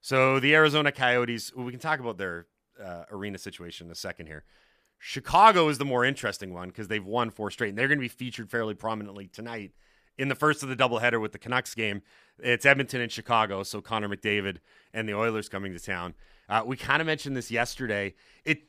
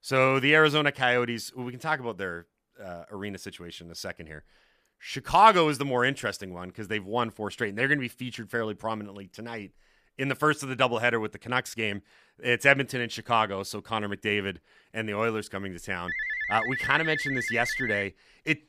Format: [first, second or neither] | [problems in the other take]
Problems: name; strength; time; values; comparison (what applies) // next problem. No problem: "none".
first | phone ringing; noticeable; from 16 to 18 s; peak 3 dB below the speech